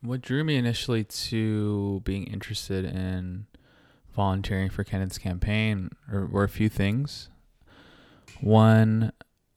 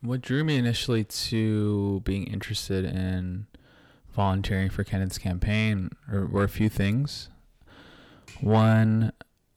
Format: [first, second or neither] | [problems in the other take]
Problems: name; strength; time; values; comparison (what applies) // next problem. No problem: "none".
first | distortion; slight; 10 dB below the speech